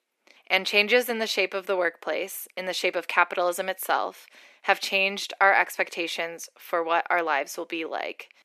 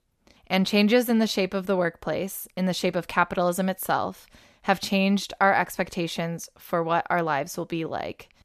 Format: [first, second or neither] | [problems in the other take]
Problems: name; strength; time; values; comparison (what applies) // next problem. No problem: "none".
second | thin; very; fading below 300 Hz